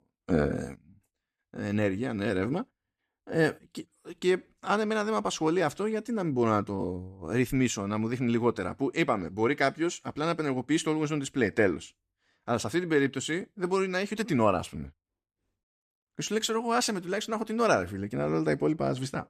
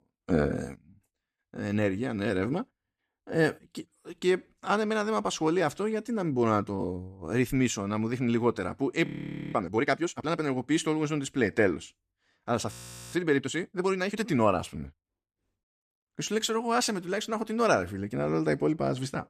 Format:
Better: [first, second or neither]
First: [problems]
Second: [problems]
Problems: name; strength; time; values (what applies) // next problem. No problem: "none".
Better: first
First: none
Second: audio freezing; at 9 s and at 13 s